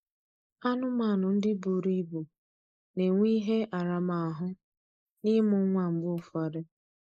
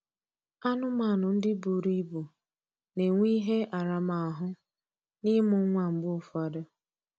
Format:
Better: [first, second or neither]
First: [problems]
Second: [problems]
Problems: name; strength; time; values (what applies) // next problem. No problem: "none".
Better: second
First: noise reduction (neural mask model Resemble Enhance denoiser)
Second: none